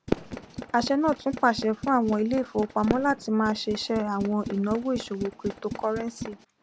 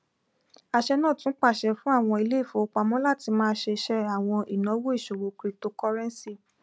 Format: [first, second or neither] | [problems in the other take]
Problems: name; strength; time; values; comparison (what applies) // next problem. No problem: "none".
second | background sound (Tools + Fireworks); 9 dB below the speech